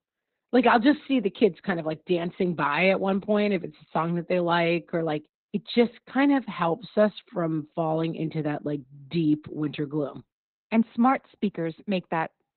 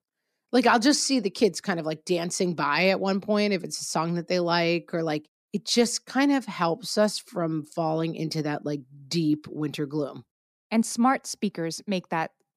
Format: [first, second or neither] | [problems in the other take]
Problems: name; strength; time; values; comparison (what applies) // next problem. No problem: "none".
second | garbled, watery; badly; nothing above 4 kHz